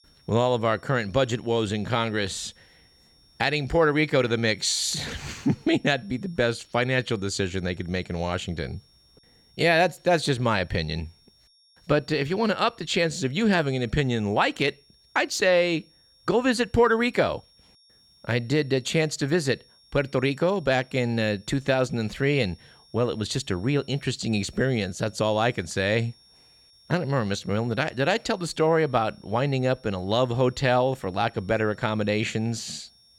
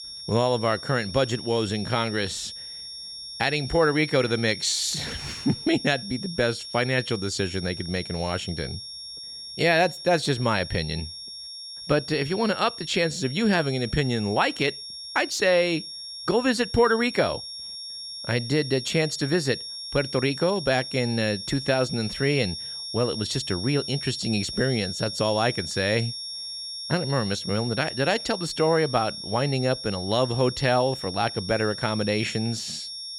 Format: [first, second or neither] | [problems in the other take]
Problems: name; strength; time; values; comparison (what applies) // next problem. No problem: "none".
first | high-pitched whine; loud; throughout; 5.5 kHz, 9 dB below the speech; faint in the first